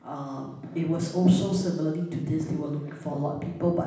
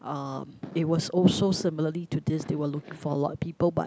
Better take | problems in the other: second | room echo; dies away in 0.9 s

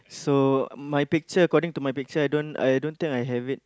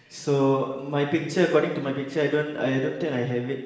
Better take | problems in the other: first | room echo; dies away in 0.9 s

